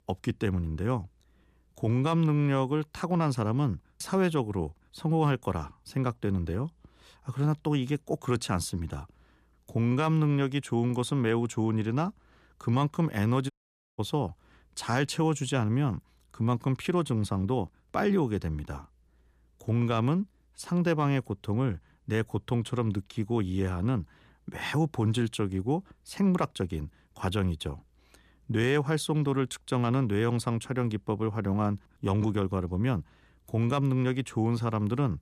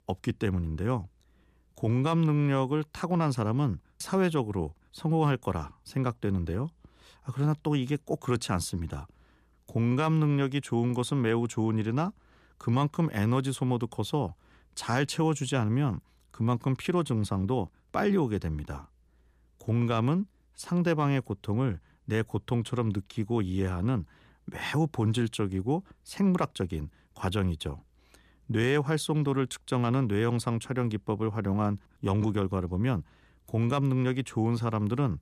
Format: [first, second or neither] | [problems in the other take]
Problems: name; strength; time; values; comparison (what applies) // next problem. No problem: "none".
second | audio cutting out; at 14 s